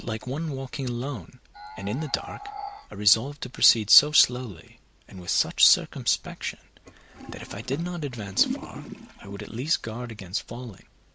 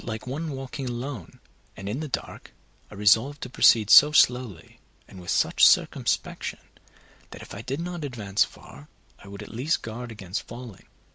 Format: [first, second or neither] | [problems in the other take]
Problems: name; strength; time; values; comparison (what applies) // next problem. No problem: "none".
second | background sound (Animal + Toilet flush); 11 dB below the speech